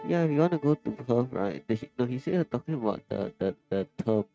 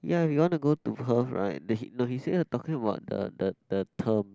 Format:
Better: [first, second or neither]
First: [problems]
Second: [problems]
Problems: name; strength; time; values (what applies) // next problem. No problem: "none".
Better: second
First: noise reduction (neural mask model RNNoise)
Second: none